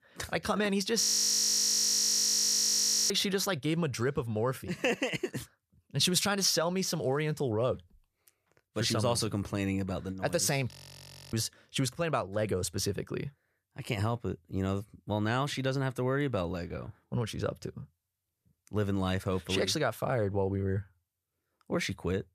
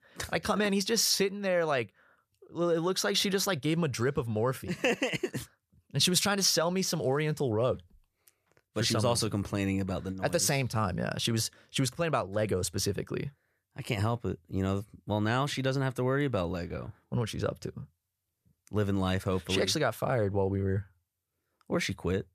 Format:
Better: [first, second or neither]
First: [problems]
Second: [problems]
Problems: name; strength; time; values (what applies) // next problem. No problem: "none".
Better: second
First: audio freezing; at 1 s for 2 s and at 11 s for 0.5 s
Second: none